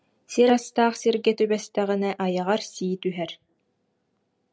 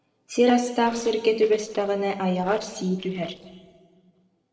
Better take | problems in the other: first | noise reduction (neural separator model SepFormer DNS4)

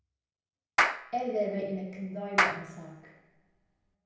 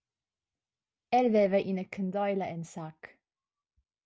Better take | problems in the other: second | background sound (Clapping); 4 dB above the speech // room echo; dies away in 0.9 s

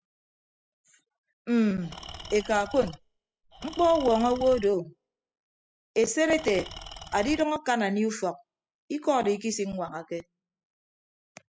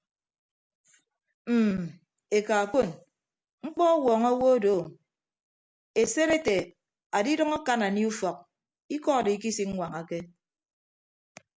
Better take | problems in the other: second | noise reduction (classical method spectral subtraction)

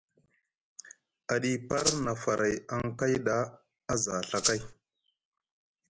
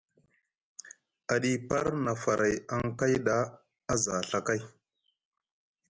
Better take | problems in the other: second | background sound (Rattle (instrument)); as loud as the speech

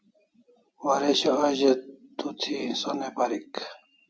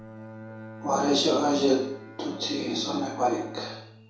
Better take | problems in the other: first | background sound (Bowed string instrument); 15 dB below the speech // room echo; dies away in 0.6 s

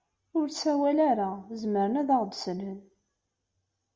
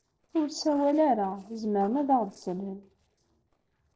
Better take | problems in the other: first | noise reduction (neural separator model SepFormer DNS4)

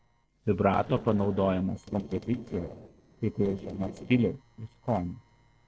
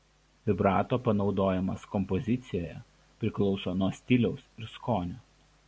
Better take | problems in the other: second | noise reduction (neural separator model SepFormer DNS4)

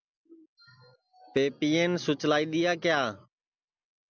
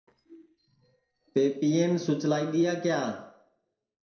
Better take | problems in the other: first | noise reduction (neural separator model SepFormer DNS4)

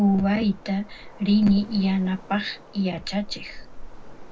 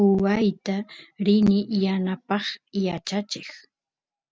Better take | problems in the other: second | background sound (Waves, surf); 15 dB below the speech // room echo; dies away in 0.3 s

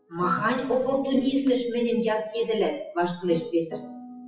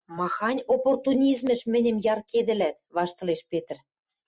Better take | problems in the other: second | noise reduction (classical method WPE with log-MMSE)

